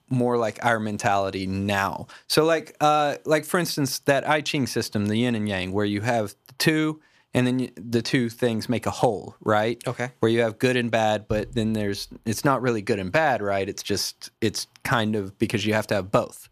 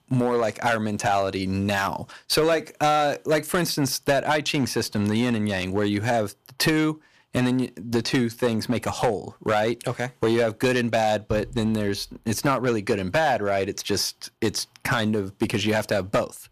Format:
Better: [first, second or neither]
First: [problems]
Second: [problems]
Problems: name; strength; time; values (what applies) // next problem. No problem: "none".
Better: first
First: none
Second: distortion; slight; 5% of the sound clipped